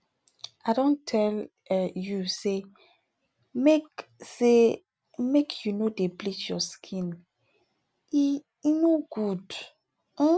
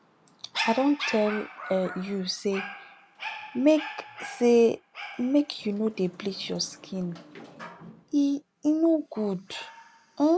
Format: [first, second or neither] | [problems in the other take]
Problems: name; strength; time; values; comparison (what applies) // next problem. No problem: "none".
first | background sound (Dog); 13 dB below the speech